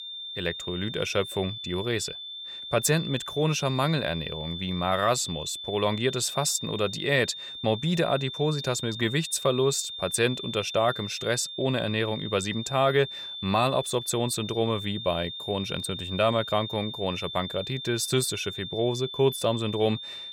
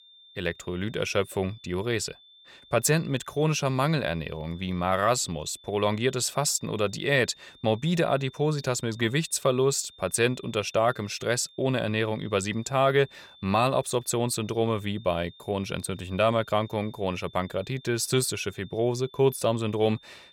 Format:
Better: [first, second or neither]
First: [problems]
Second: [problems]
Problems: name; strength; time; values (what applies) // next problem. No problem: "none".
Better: second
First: high-pitched whine; loud; throughout; 3.5 kHz, 8 dB below the speech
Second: high-pitched whine; faint; throughout; 3.5 kHz, 25 dB below the speech